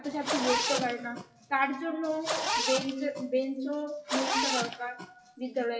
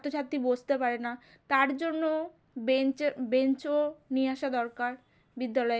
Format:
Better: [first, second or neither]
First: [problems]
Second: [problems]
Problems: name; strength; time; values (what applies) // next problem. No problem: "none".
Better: second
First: noise reduction (classical method WPE with log-MMSE)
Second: none